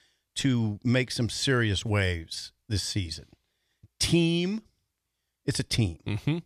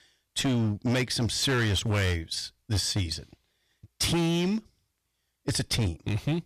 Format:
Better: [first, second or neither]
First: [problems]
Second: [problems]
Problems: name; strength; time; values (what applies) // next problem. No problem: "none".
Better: first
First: none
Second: distortion; heavy; 14% of the sound clipped